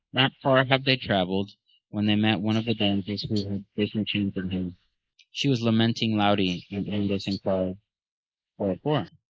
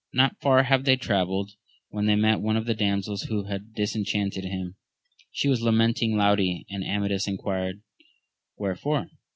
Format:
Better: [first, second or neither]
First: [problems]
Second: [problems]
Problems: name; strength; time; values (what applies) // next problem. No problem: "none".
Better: second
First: noise reduction (neural mask model Resemble Enhance denoiser)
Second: none